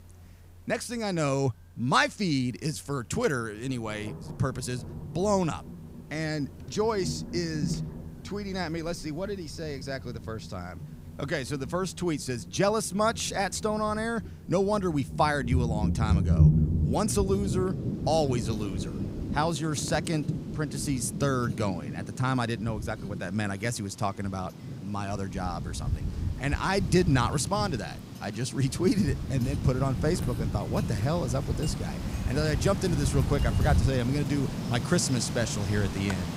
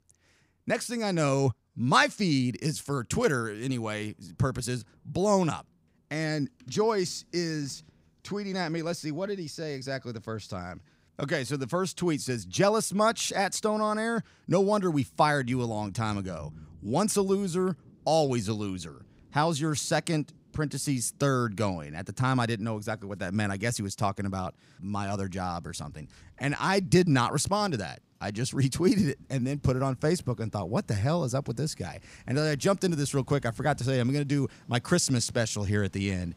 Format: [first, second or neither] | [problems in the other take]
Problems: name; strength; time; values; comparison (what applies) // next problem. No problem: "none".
second | rain or running water; loud; throughout; 3 dB below the speech; faint in the second